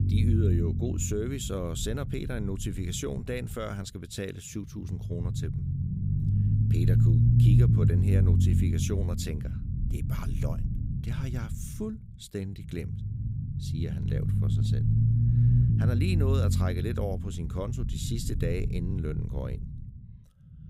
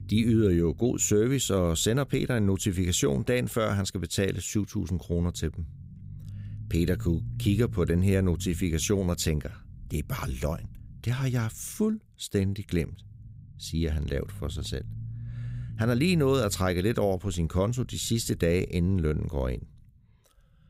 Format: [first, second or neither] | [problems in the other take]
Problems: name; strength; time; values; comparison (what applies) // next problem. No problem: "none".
second | low rumble; loud; throughout; 2 dB below the speech; faint in the second